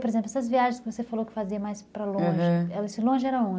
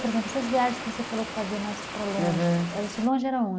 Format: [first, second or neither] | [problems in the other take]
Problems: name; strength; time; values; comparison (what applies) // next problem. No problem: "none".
first | background sound (Water); 10 dB below the speech